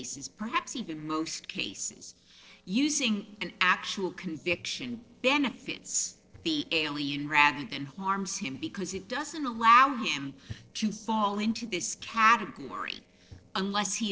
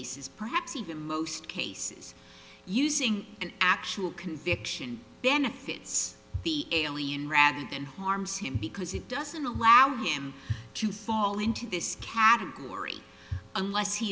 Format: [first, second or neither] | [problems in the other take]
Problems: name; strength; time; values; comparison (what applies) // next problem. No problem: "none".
second | noise reduction (neural separator model SepFormer DNS4)